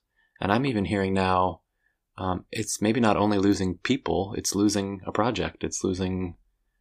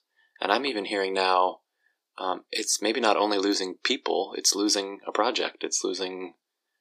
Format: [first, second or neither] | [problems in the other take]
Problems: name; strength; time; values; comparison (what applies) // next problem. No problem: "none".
first | thin; somewhat; fading below 350 Hz